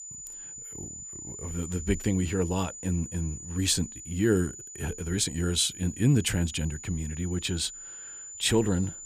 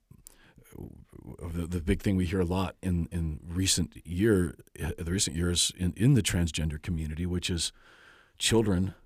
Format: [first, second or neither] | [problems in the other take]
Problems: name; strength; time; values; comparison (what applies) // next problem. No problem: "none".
second | high-pitched whine; noticeable; throughout; 7 kHz, 10 dB below the speech